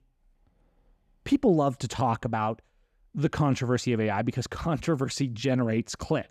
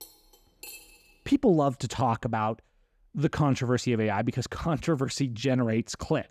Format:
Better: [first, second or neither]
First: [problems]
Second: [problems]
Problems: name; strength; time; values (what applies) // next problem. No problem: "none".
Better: first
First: none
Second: clattering dishes; faint; until 1 s; peak 15 dB below the speech